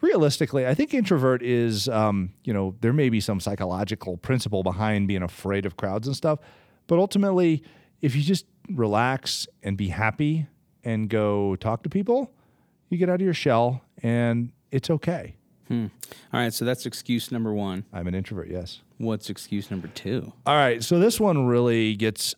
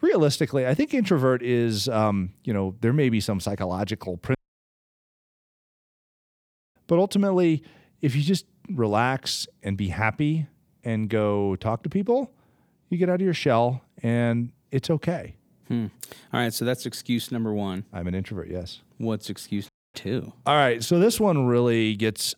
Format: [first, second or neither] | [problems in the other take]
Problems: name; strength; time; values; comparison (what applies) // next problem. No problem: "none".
first | audio cutting out; at 4.5 s for 2.5 s and at 20 s